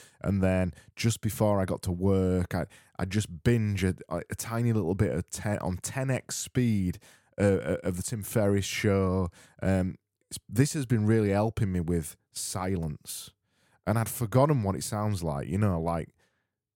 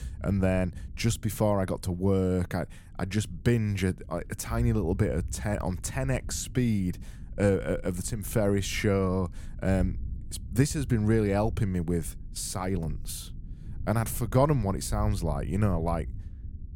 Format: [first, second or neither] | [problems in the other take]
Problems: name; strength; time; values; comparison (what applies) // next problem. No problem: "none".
first | low rumble; faint; throughout; 25 dB below the speech